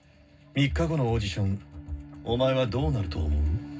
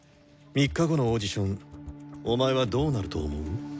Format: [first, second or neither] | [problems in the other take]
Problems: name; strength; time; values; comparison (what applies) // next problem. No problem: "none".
second | room echo; dies away in 0.4 s